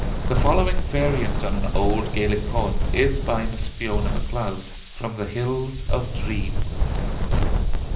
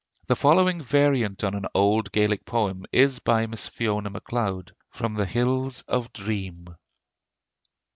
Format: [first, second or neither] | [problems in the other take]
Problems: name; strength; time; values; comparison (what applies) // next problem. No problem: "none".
second | background sound (Wind); 4 dB above the speech // room echo; dies away in 0.5 s